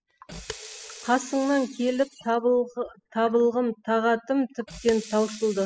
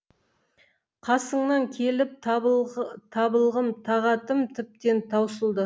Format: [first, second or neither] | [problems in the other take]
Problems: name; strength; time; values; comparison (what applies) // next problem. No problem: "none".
second | noise reduction (classical method spectral subtraction)